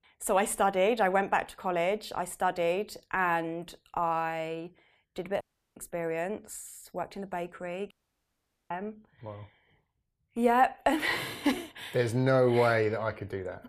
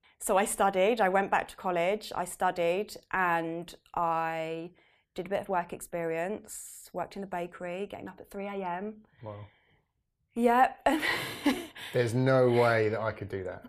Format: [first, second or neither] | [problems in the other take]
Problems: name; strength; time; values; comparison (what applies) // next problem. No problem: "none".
second | audio cutting out; at 5.5 s and at 8 s for 1 s